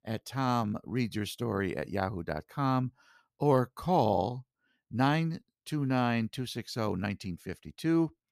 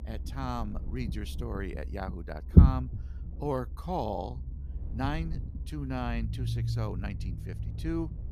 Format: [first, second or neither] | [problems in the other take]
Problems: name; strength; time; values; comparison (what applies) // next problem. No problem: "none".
first | low rumble; loud; throughout; 4 dB below the speech